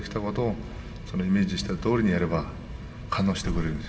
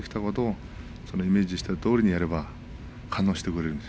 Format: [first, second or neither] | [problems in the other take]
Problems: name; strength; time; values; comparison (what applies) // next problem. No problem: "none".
second | background sound (Growling / Hiss); 14 dB below the speech // room echo; dies away in 2.7 s